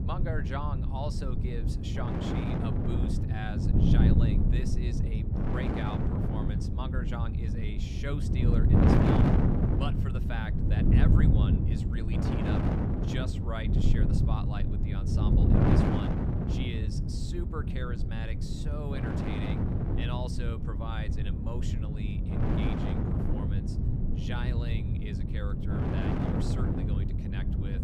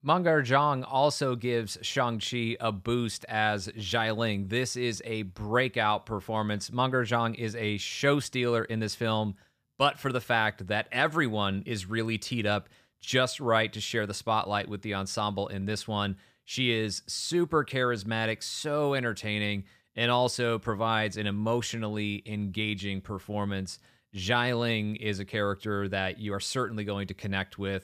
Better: second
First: wind noise on the microphone; heavy; 4 dB above the speech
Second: none

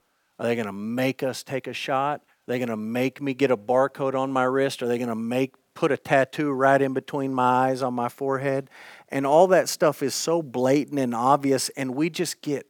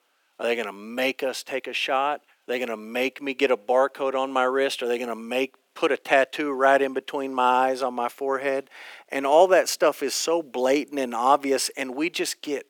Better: first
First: none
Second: thin; very slightly; fading below 300 Hz

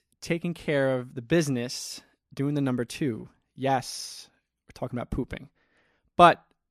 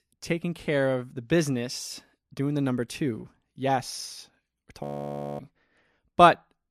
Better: first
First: none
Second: audio freezing; at 5 s for 0.5 s

